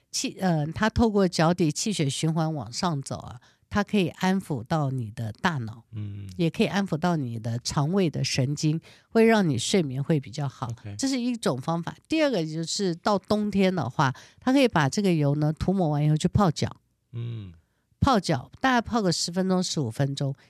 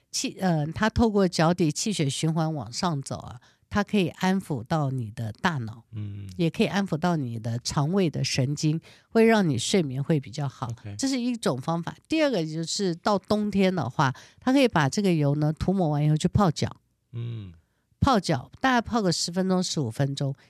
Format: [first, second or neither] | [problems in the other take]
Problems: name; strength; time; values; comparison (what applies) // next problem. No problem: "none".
neither | none